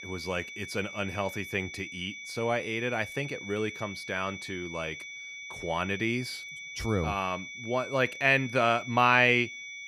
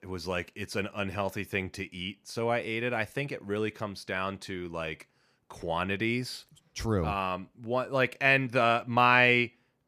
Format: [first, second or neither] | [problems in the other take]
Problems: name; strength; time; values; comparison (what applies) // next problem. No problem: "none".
second | high-pitched whine; noticeable; throughout; 2.5 kHz, 10 dB below the speech